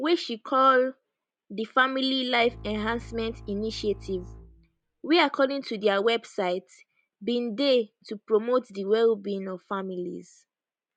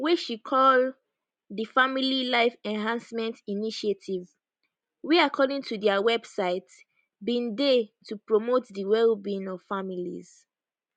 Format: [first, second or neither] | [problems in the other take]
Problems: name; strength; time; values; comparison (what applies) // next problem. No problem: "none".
second | background sound (Bowed string instrument); 17 dB below the speech